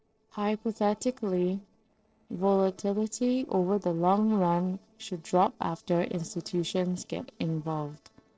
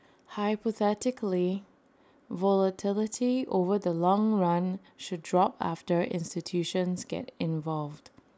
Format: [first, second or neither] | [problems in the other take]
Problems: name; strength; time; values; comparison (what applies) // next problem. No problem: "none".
second | noise reduction (neural separator model SepFormer DNS4)